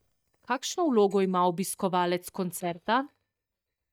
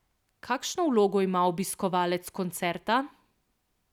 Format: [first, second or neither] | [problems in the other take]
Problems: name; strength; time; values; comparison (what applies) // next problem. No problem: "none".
second | noise reduction (neural mask model DeepFilterNet 3)